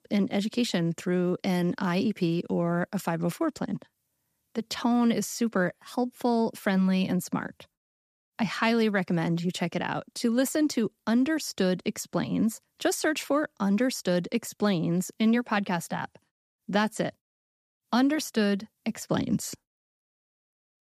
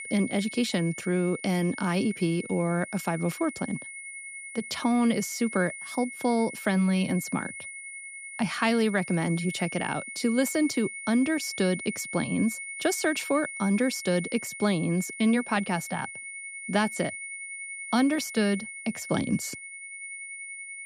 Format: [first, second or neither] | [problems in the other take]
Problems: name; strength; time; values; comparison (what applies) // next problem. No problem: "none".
first | high-pitched whine; loud; throughout; 2 kHz, 10 dB below the speech